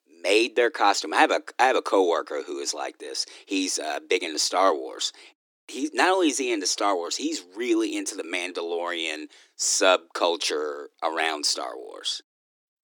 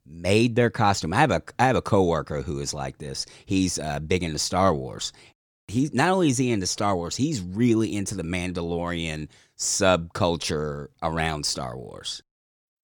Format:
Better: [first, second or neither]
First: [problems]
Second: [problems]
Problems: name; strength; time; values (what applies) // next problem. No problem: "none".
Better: second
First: thin; somewhat; fading below 300 Hz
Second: none